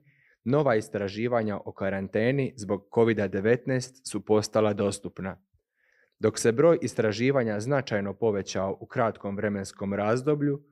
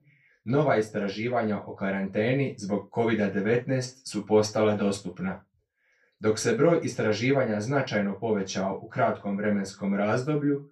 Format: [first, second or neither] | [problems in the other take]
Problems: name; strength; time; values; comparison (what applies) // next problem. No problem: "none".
first | room echo; slight; dies away in 0.2 s // off-mic speech; far